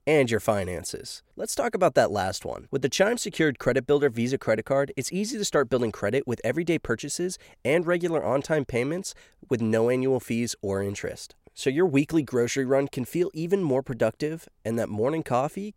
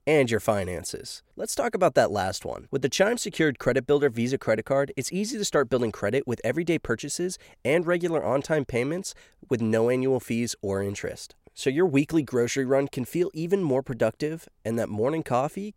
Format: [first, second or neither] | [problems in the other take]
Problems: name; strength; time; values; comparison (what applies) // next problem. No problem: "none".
neither | none